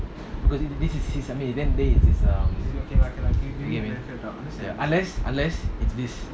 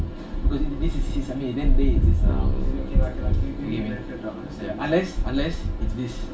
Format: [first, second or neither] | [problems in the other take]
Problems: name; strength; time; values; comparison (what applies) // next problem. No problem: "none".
first | background sound (Keyboard (musical)); 17 dB below the speech // room echo; dies away in 0.2 s